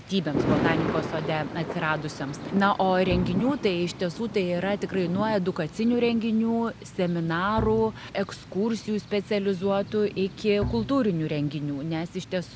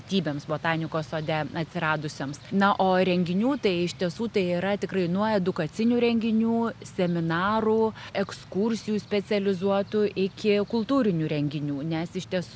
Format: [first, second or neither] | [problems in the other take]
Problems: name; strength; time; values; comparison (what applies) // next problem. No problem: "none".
second | background sound (Bowed string instrument + Thunder); 8 dB below the speech